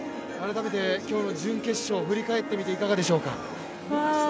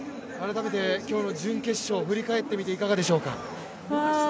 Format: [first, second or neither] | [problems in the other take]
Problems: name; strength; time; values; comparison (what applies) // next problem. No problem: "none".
second | background sound (Harp); 12 dB below the speech